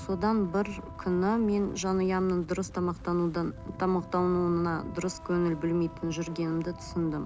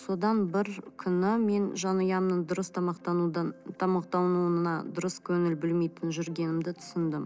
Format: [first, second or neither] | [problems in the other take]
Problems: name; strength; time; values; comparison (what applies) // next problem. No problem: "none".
second | background sound (Wind + Wind instrument, woodwind instrument); 15 dB below the speech